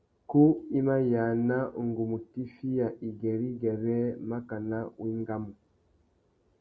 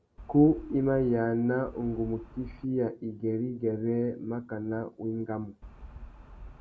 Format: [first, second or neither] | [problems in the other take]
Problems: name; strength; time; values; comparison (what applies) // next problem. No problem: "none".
first | background sound (Wind); 16 dB below the speech